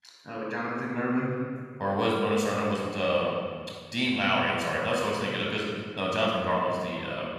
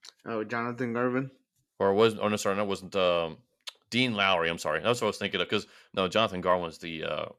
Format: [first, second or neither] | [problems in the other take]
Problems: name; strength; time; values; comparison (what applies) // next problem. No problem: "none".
second | off-mic speech; far // room echo; strong; dies away in 1.8 s